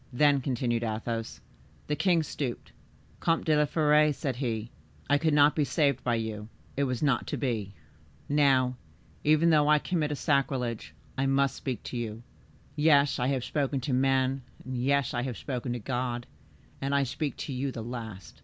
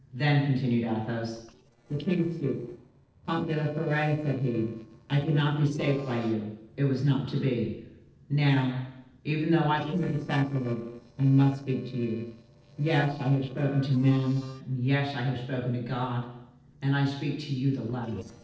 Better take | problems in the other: first | noise reduction (neural separator model SepFormer DNS4)

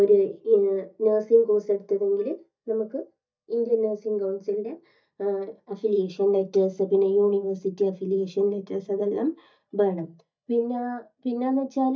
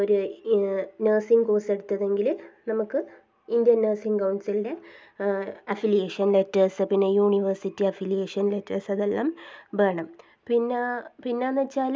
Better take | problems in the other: second | noise reduction (neural mask model DeepFilterNet 3)

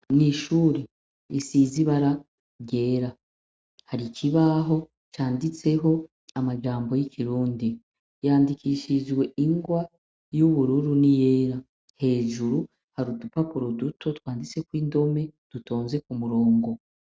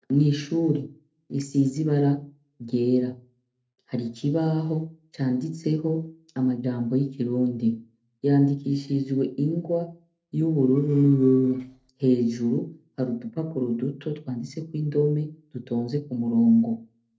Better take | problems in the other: first | noise reduction (neural separator model SepFormer DNS4)

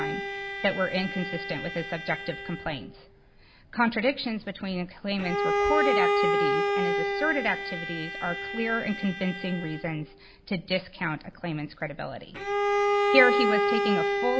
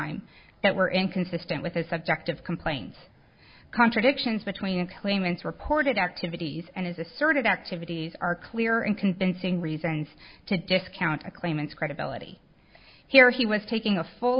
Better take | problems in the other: second | background sound (Bowed string instrument); 1 dB above the speech

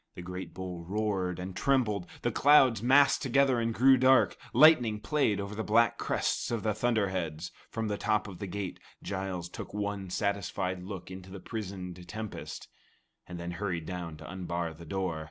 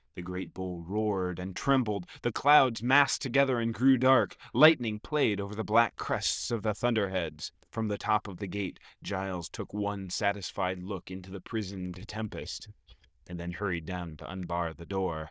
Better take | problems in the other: first | noise reduction (neural diffusion model UNIVERSE++)

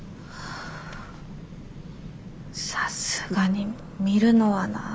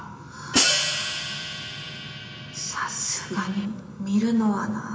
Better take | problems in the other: first | background sound (Hi-hat); 1 dB above the speech // room echo; dies away in 0.8 s

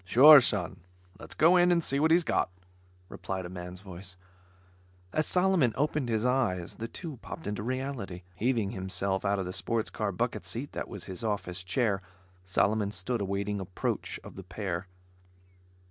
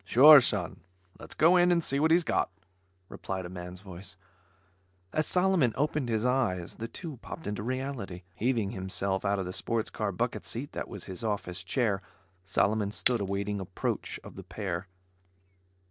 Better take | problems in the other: first | noise reduction (neural separator model SepFormer DNS4)

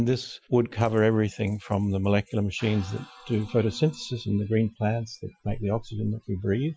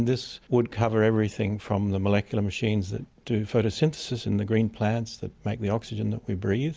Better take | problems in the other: second | noise reduction (classical method Wiener filter)

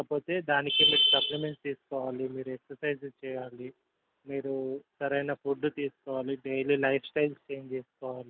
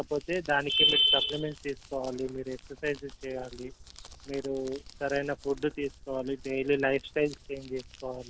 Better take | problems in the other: first | background sound (Crumpling, crinkling); 19 dB below the speech

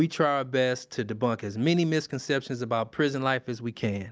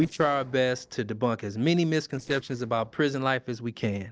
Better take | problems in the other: first | noise reduction (neural separator model SepFormer DNS4)

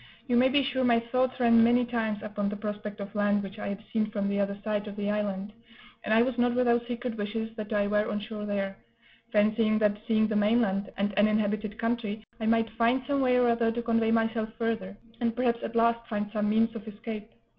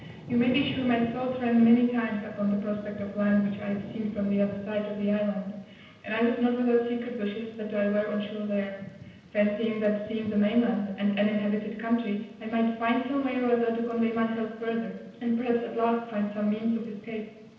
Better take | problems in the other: first | background sound (Thunder / Rain); 19 dB below the speech // room echo; dies away in 0.9 s

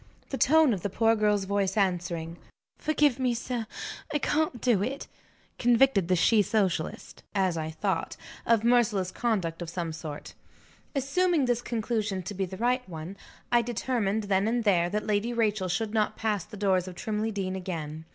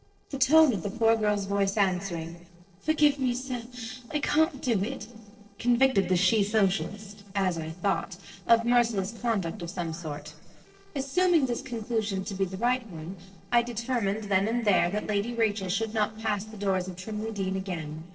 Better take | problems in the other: first | noise reduction (neural separator model SepFormer DNS4)

